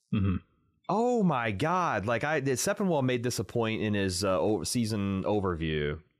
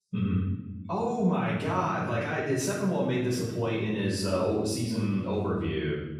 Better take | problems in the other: first | off-mic speech; far // room echo; noticeable; dies away in 1.1 s

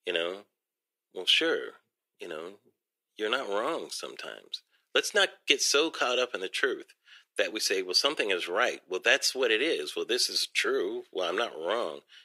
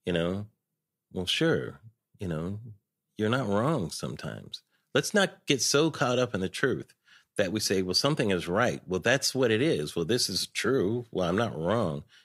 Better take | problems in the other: second | thin; very; fading below 350 Hz

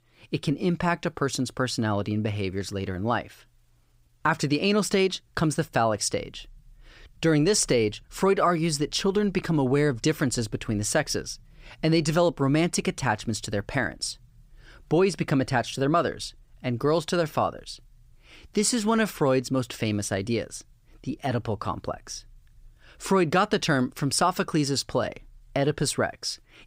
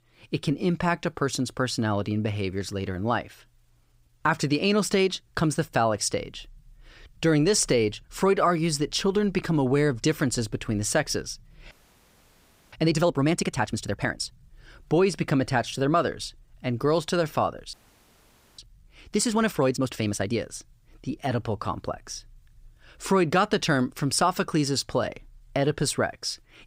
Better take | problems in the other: first | audio freezing; at 12 s for 1 s and at 18 s for 1 s

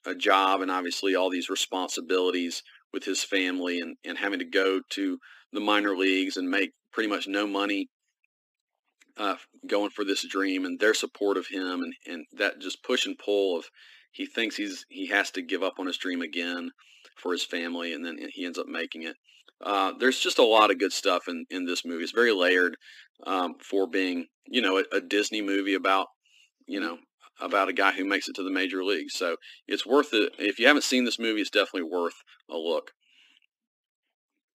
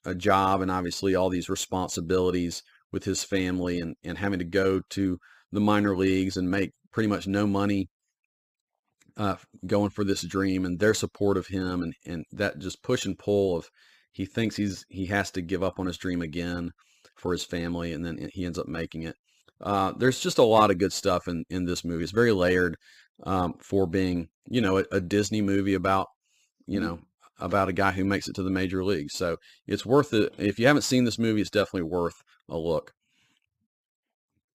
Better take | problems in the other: second | thin; very slightly; fading below 250 Hz

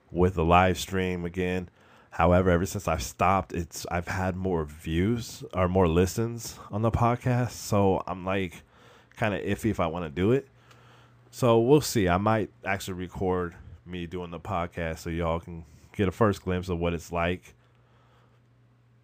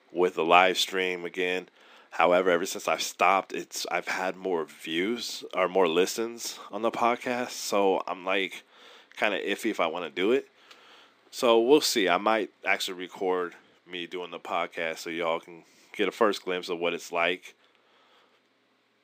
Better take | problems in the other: first | thin; somewhat; fading below 250 Hz

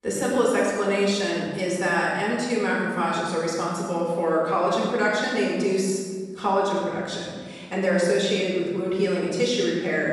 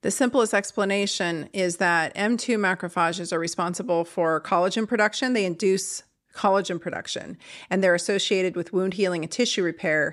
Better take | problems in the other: second | room echo; strong; dies away in 1.5 s // off-mic speech; far

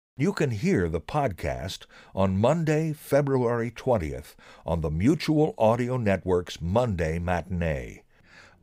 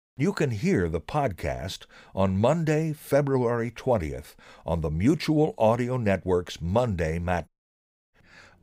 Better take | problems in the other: first | audio cutting out; at 7.5 s for 0.5 s

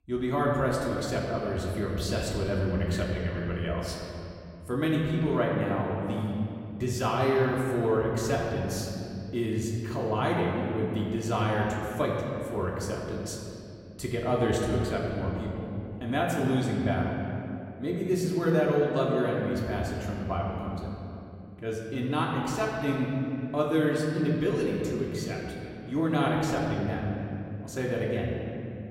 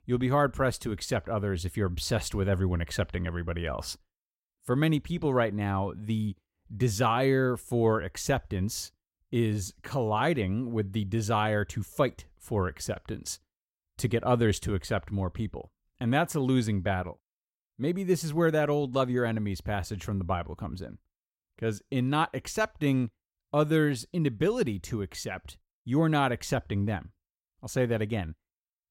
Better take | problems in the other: second | room echo; noticeable; dies away in 2.5 s // off-mic speech; far

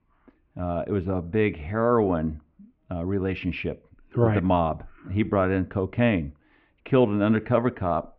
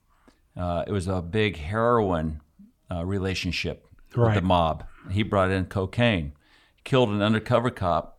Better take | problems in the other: second | muffled; very; fading above 2.5 kHz

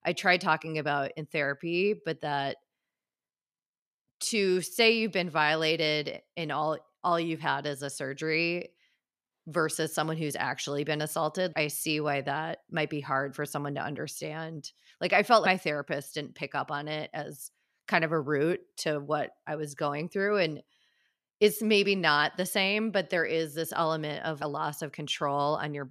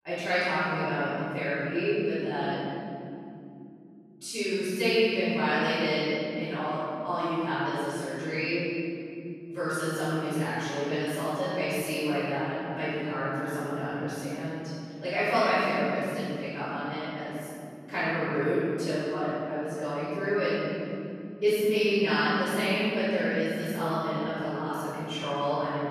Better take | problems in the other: first | off-mic speech; far // room echo; strong; dies away in 3 s

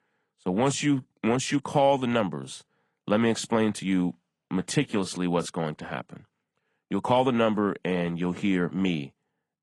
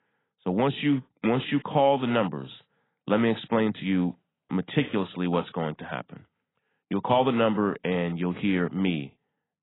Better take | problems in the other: first | garbled, watery; badly; nothing above 4 kHz; slightly in the first

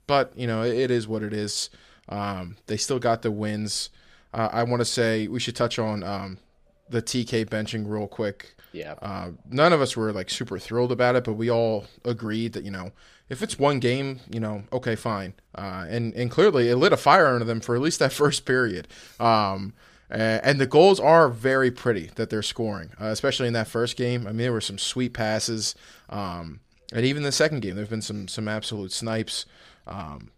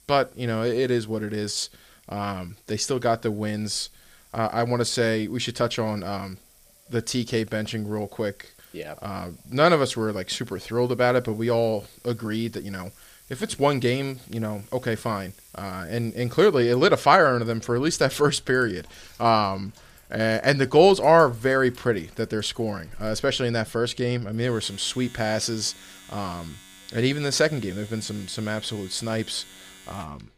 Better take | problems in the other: first | household noises; faint; throughout; 25 dB below the speech

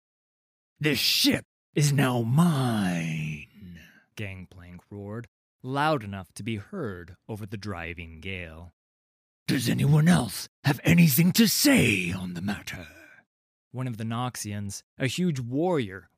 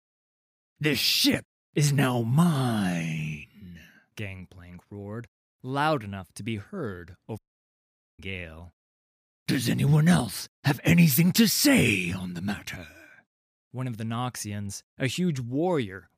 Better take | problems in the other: first | audio cutting out; at 7.5 s for 1 s

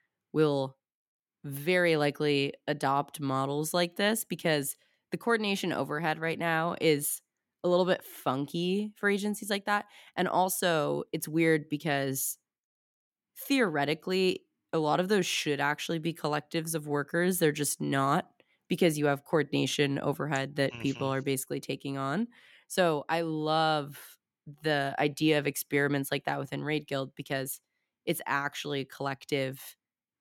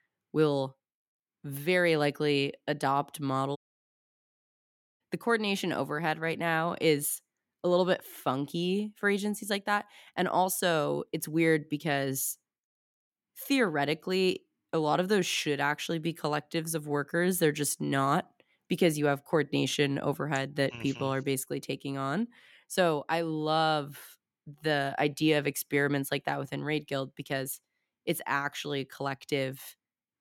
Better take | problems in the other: first | audio cutting out; at 3.5 s for 1.5 s

